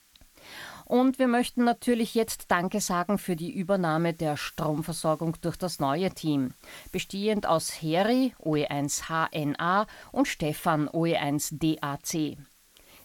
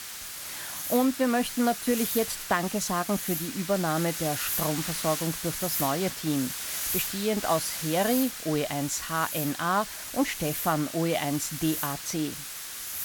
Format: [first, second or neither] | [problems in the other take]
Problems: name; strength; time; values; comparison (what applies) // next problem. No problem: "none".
first | hiss; loud; throughout; 4 dB below the speech; faint in the first